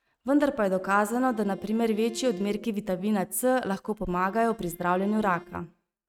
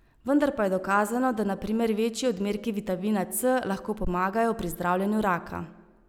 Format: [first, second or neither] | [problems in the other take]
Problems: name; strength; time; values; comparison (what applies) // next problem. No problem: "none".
second | noise reduction (neural mask model RNNoise)